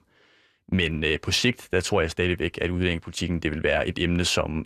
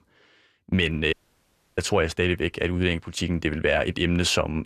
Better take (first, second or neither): first